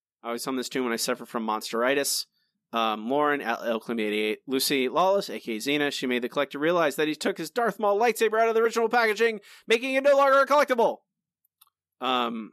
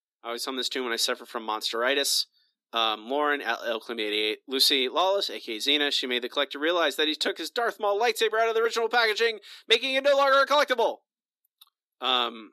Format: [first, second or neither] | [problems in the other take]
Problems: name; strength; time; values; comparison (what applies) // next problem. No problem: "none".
first | thin; very slightly; fading below 250 Hz